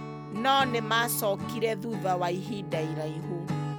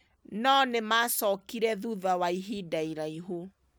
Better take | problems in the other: second | background sound (Acoustic guitar / Strum); 6 dB below the speech

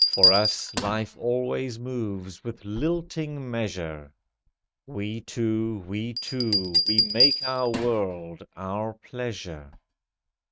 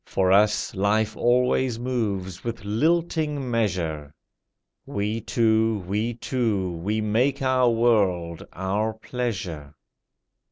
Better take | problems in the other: second | noise reduction (neural mask model RNNoise)

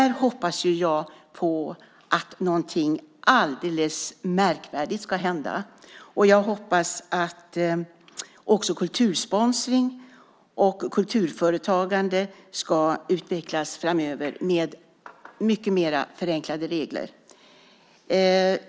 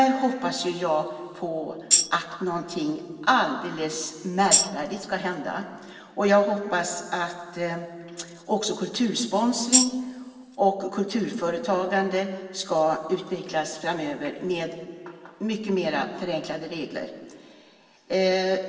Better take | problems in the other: first | background sound (Tambourine); 3 dB above the speech // room echo; dies away in 1.9 s

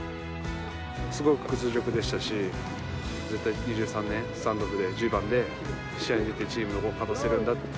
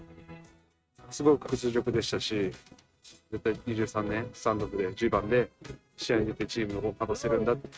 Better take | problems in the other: first | noise reduction (neural mask model RNNoise)

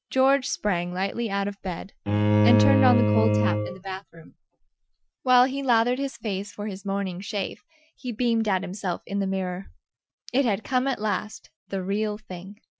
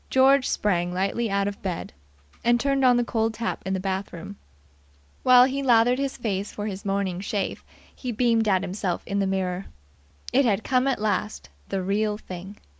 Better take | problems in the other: second | noise reduction (classical method Wiener filter)

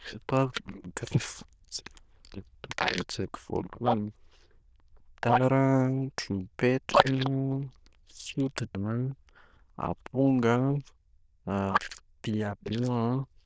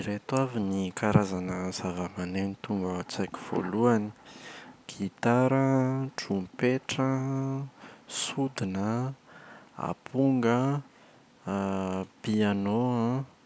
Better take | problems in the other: second | noise reduction (neural diffusion model UNIVERSE++)

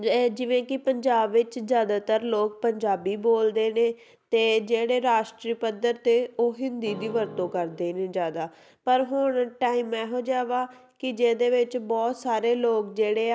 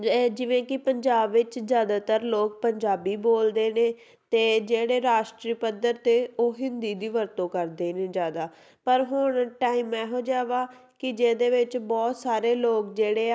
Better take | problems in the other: second | background sound (Keyboard (musical)); 14 dB below the speech

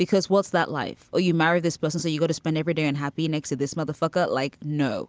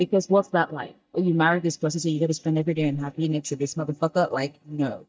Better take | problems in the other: first | noise reduction (neural mask model DeepFilterNet 3)

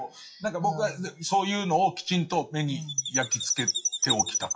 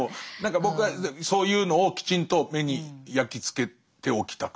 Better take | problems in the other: second | noise reduction (classical method WPE with log-MMSE)

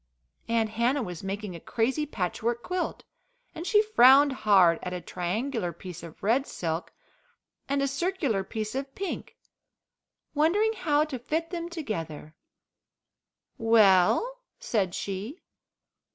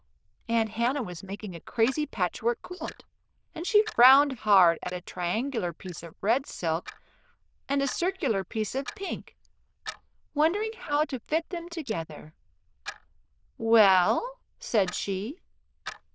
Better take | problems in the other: first | noise reduction (neural diffusion model UNIVERSE++)

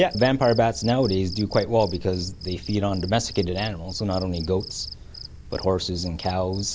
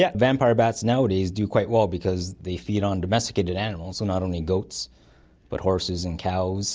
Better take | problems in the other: second | background sound (Cricket); 13 dB below the speech

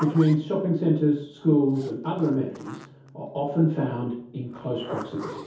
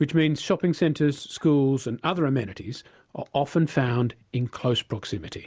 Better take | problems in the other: second | background sound (Zipper (clothing)); 18 dB below the speech // room echo; dies away in 0.6 s

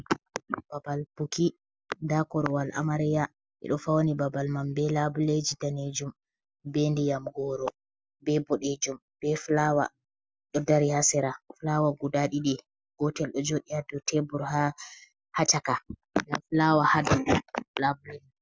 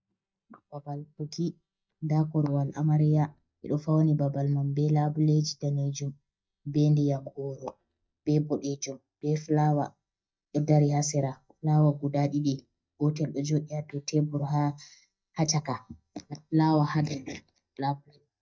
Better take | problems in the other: first | noise reduction (neural mask model DeepFilterNet 3)

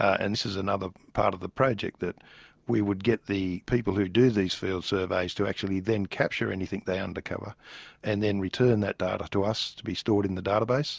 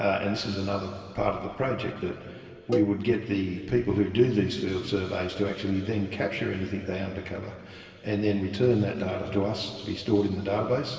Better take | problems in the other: first | background sound (Cowbell); 9 dB below the speech // room echo; dies away in 2.5 s

